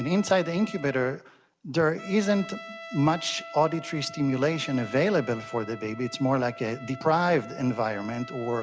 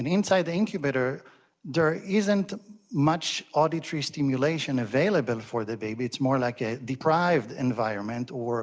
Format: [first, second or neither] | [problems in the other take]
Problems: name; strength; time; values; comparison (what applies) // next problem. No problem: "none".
second | background sound (Trumpet); 16 dB below the speech